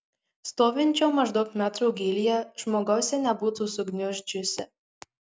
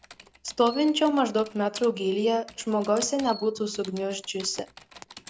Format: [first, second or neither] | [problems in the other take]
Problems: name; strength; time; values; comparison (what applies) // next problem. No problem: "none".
first | background sound (Typing + Chirp, tweet); 20 dB below the speech